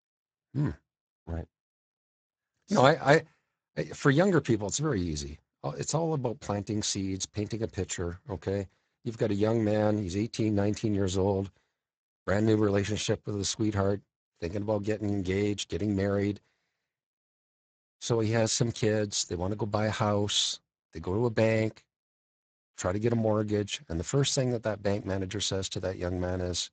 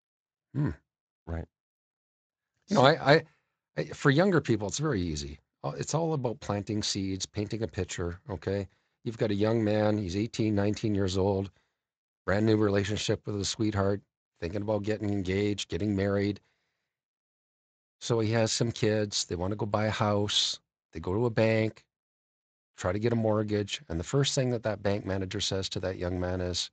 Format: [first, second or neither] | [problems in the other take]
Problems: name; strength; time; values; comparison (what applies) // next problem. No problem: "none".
second | garbled, watery; badly; nothing above 7.5 kHz; slightly in the second